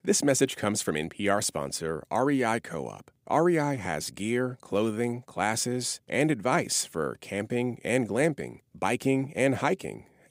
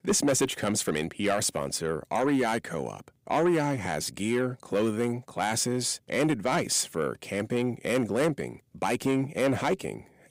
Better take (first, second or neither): first